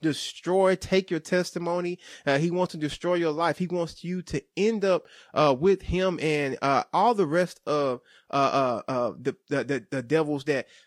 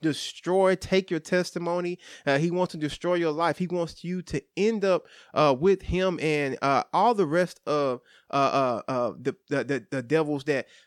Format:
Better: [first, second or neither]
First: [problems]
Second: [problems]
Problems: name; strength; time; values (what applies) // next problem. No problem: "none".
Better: second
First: garbled, watery; slightly; nothing above 14.5 kHz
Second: none